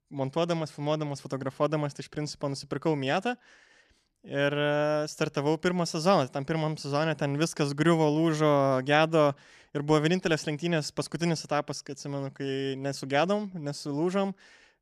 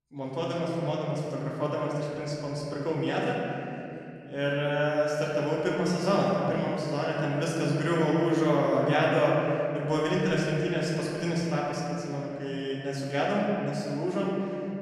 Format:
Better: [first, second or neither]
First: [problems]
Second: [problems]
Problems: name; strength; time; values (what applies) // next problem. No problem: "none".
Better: first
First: none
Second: room echo; noticeable; dies away in 2.9 s // off-mic speech; far